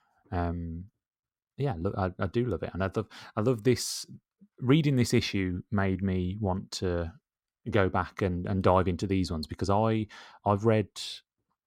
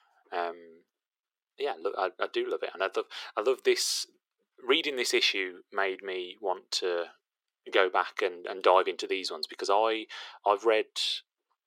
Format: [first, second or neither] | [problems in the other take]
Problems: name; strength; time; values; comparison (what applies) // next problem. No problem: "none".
first | thin; very; fading below 350 Hz